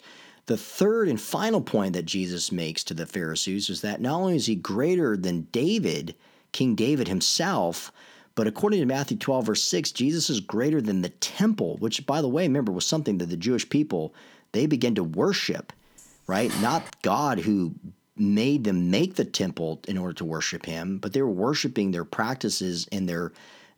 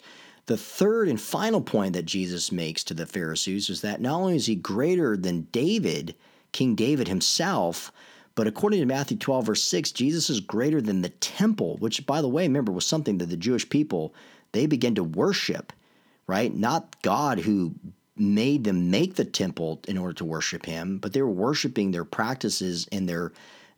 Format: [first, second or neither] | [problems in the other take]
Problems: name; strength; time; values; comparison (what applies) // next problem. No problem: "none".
second | clattering dishes; noticeable; at 16 s; peak 8 dB below the speech